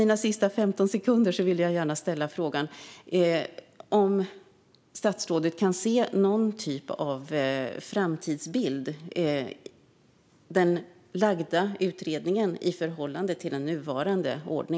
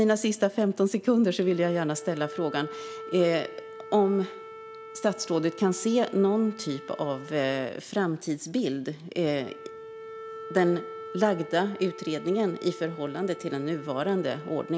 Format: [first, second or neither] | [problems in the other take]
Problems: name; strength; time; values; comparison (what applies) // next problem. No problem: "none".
first | background sound (Wind instrument, woodwind instrument); 15 dB below the speech